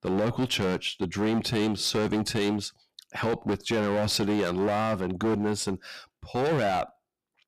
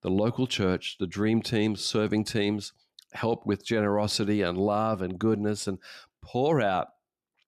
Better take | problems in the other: second | distortion; heavy; 16% of the sound clipped

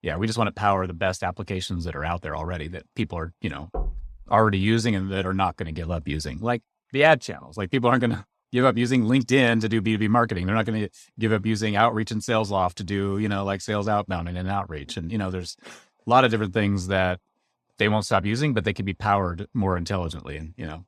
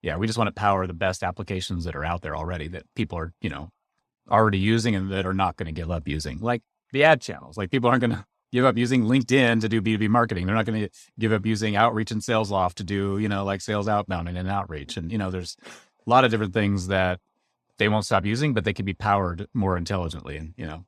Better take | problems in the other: second | door banging; noticeable; at 3.5 s; peak 9 dB below the speech

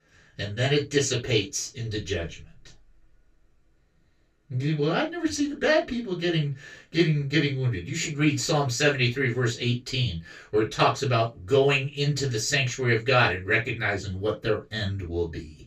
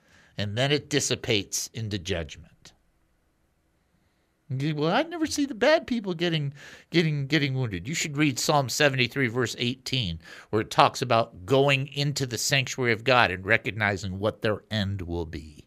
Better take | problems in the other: second | room echo; very slight; dies away in 0.1 s // off-mic speech; far

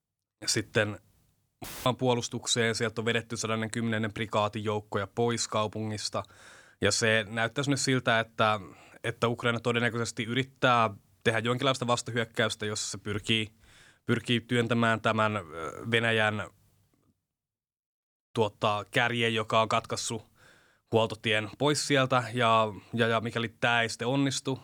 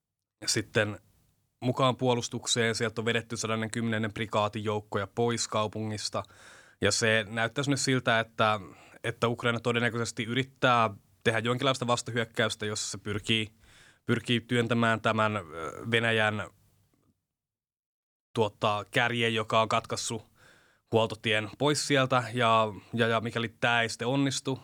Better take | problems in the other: second | audio cutting out; filled with static; at 1.5 s

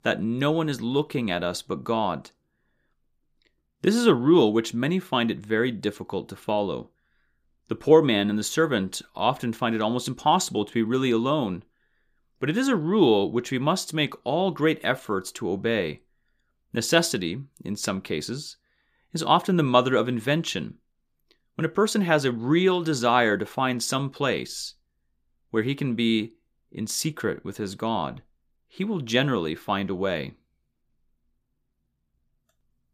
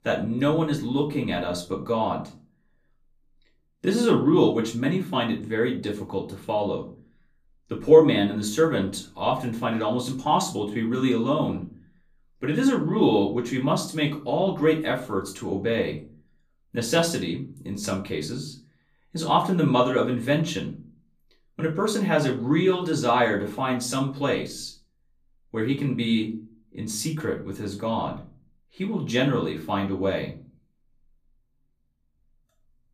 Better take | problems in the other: first | off-mic speech; far // room echo; slight; dies away in 0.3 s

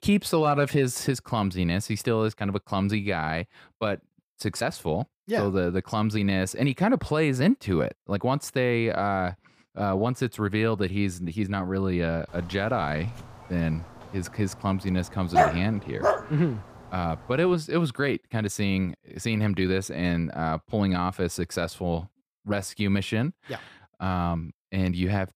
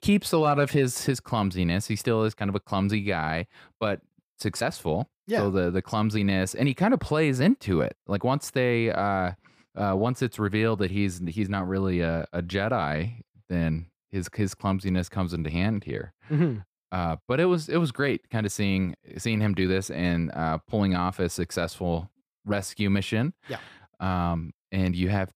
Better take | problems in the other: second | dog barking; loud; at 15 s; peak 5 dB above the speech

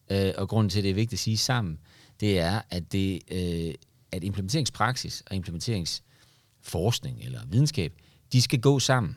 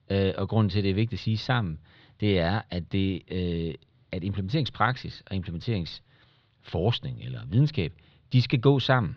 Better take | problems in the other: first | muffled; slightly; fading above 4 kHz

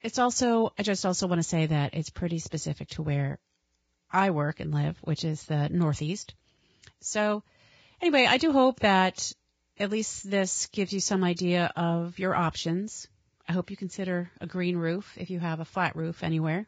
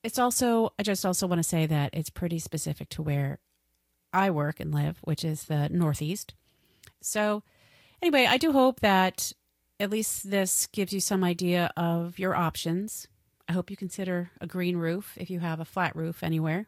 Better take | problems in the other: second | garbled, watery; badly; nothing above 7.5 kHz; slightly in the second

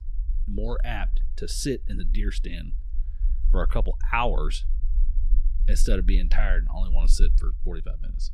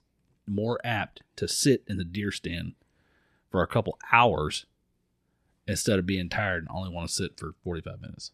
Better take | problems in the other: second | low rumble; faint; throughout; 20 dB below the speech

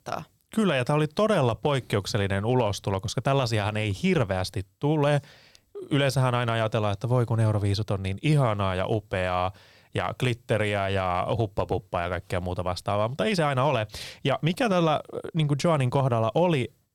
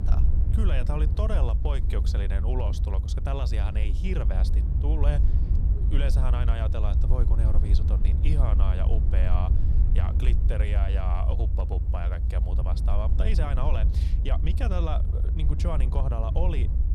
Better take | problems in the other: first | low rumble; loud; throughout; 6 dB below the speech

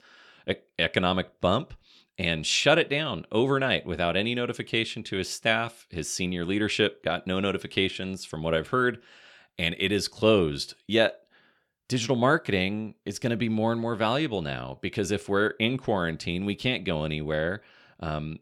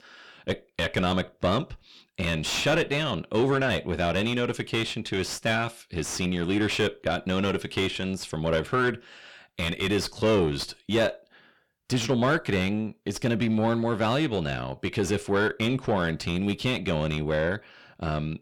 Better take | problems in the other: first | distortion; heavy; 7 dB below the speech

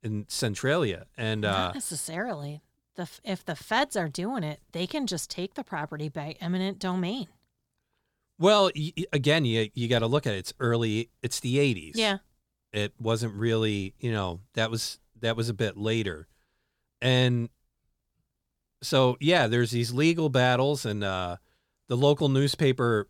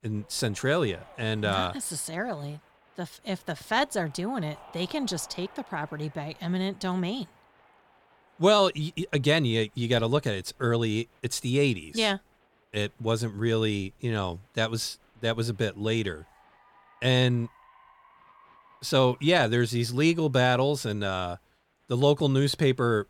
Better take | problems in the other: first | crowd noise; faint; throughout; 30 dB below the speech

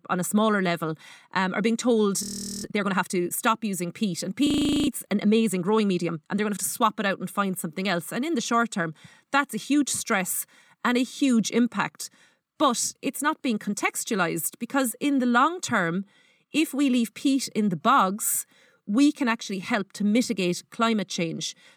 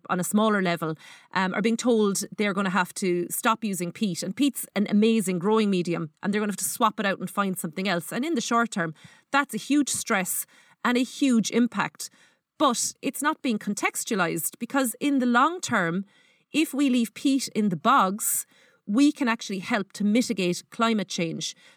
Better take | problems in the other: second | audio freezing; at 2 s and at 4.5 s

